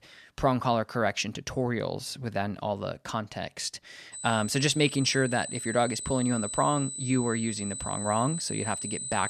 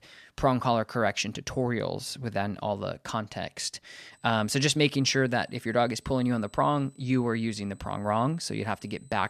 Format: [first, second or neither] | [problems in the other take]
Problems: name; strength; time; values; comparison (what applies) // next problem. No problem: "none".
second | high-pitched whine; loud; from 4 s on; 8 kHz, 6 dB below the speech; faint in the second